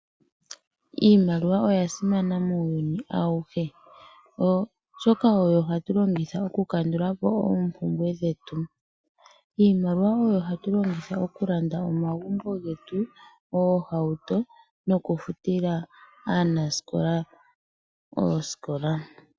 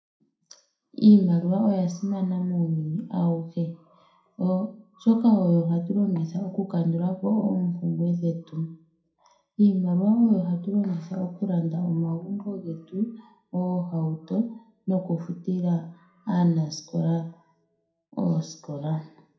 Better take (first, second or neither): first